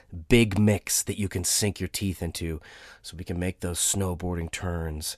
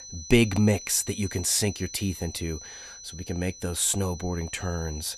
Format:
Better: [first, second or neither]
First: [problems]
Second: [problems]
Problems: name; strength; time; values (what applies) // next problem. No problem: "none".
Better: first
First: none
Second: high-pitched whine; noticeable; throughout; 6 kHz, 15 dB below the speech